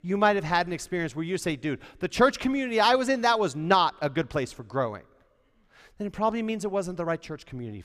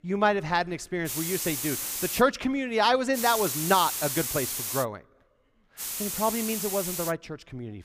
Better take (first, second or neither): first